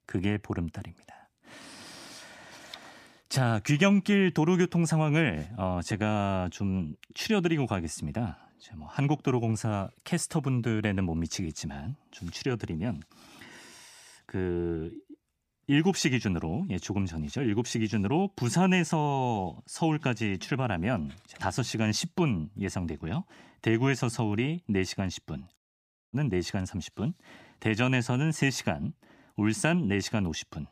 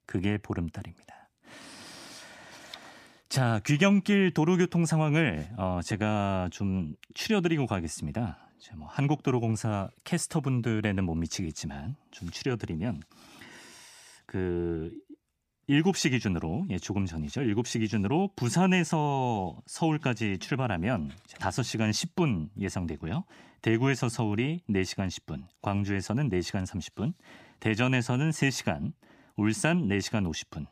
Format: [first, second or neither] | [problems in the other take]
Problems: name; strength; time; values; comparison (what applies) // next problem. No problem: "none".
second | audio cutting out; at 26 s for 0.5 s